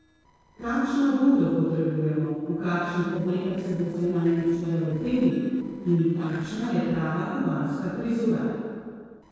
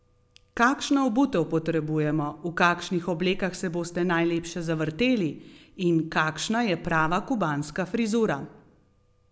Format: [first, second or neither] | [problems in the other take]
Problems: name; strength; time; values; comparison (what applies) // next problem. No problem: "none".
second | noise reduction (neural separator model SepFormer DNS4)